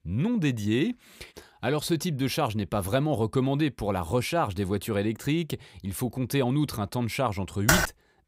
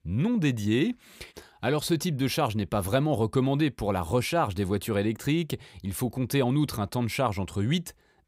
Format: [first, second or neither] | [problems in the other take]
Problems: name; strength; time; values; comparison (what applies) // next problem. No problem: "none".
second | keyboard typing; loud; at 7.5 s; peak 4 dB above the speech